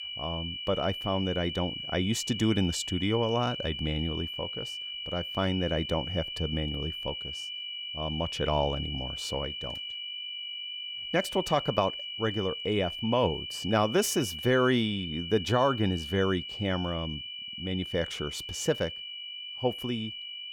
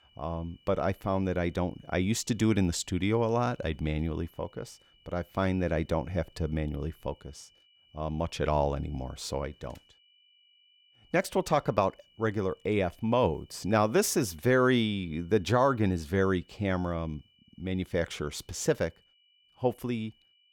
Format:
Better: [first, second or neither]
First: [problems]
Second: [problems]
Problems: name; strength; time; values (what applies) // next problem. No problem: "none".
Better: second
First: high-pitched whine; loud; throughout; 3 kHz, 5 dB below the speech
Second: high-pitched whine; faint; throughout; 3 kHz, 30 dB below the speech